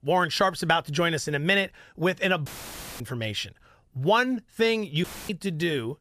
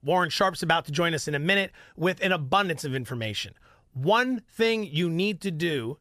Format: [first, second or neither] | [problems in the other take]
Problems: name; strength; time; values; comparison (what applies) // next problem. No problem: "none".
second | audio cutting out; filled with static; at 2.5 s for 0.5 s and at 5 s